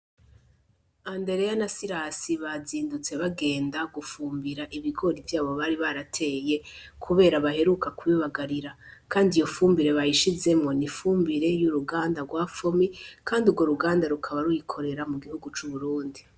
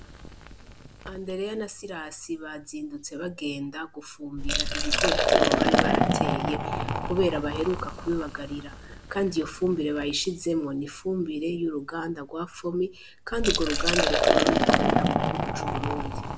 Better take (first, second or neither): first